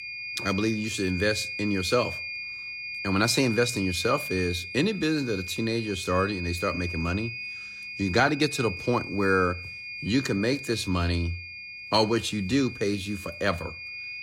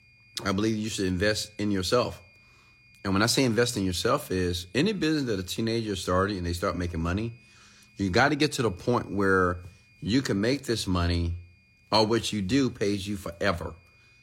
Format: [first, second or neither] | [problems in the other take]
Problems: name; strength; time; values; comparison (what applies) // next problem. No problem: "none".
second | high-pitched whine; loud; throughout; 2.5 kHz, 8 dB below the speech; faint in the second